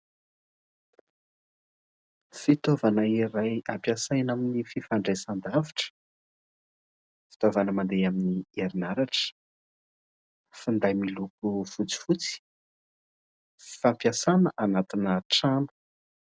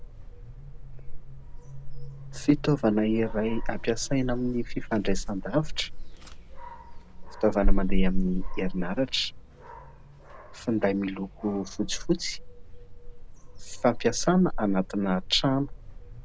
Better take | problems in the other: first | background sound (Dog); as loud as the speech

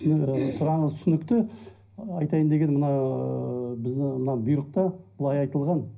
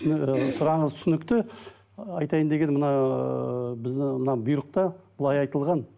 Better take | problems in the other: second | room echo; dies away in 0.5 s

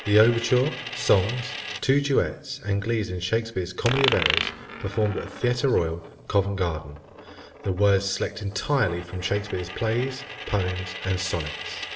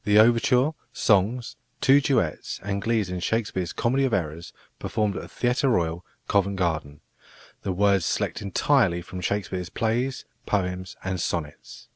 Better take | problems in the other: second | background sound (Coin (dropping)); 10 dB below the speech // room echo; dies away in 1.8 s

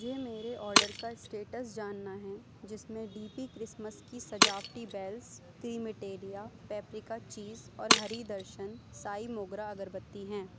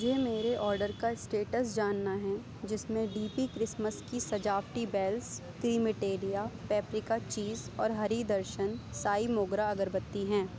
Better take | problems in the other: second | background sound (Shatter); 5 dB above the speech

